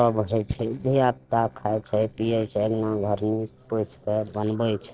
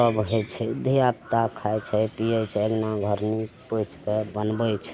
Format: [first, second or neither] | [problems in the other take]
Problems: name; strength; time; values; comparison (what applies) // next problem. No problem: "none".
second | noise reduction (neural separator model SepFormer DNS4)